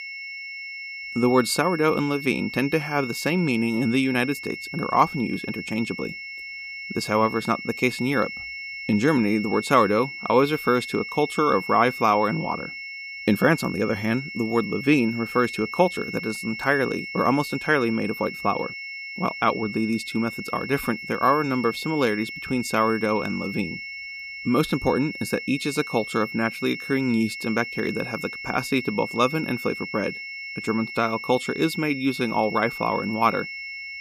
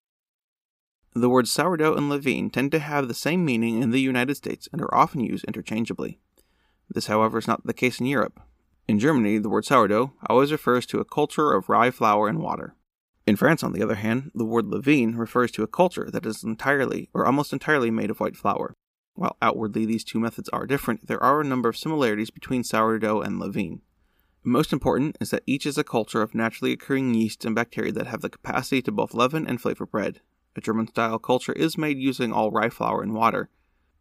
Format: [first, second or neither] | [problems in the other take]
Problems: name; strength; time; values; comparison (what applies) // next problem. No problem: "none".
second | high-pitched whine; loud; throughout; 2 kHz, 9 dB below the speech